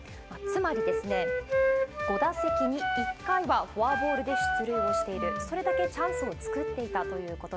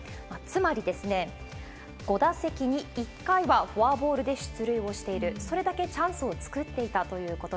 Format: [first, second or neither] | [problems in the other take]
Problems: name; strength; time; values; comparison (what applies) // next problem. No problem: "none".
second | background sound (Wind instrument, woodwind instrument); 1 dB above the speech